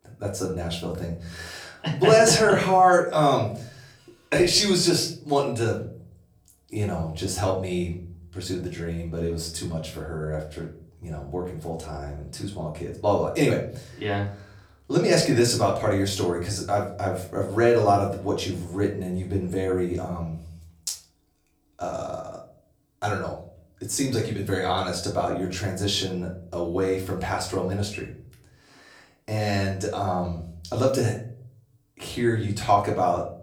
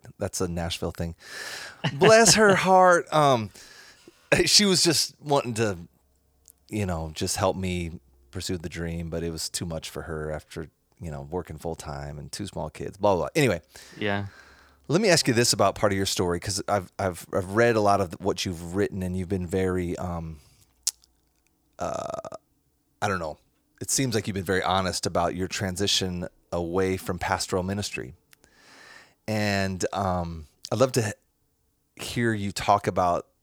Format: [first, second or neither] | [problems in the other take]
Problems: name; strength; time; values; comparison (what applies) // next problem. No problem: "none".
second | off-mic speech; far // room echo; slight; dies away in 0.5 s